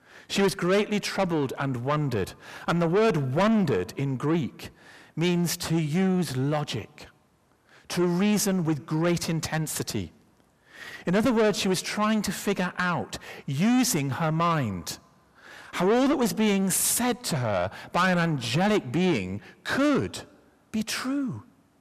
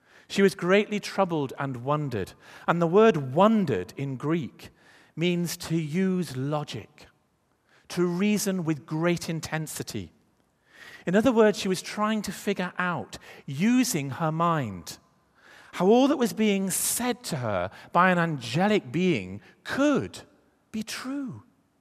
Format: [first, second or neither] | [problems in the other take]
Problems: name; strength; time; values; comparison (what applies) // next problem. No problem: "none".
second | distortion; heavy; 7 dB below the speech